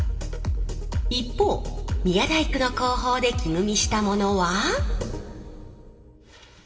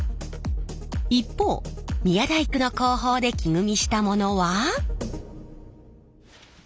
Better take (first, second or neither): second